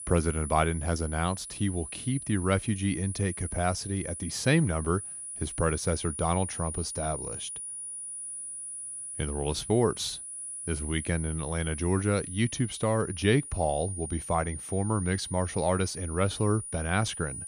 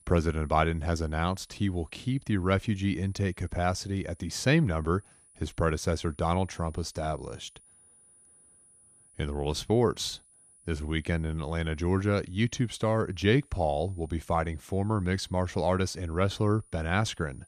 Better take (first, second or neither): second